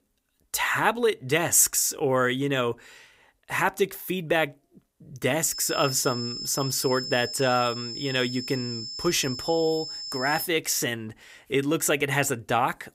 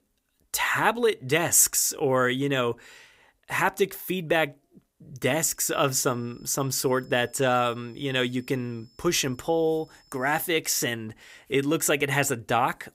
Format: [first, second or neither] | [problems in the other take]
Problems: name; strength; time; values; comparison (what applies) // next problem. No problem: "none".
second | high-pitched whine; loud; from 5.5 to 10 s; 5 kHz, 8 dB below the speech; faint in the second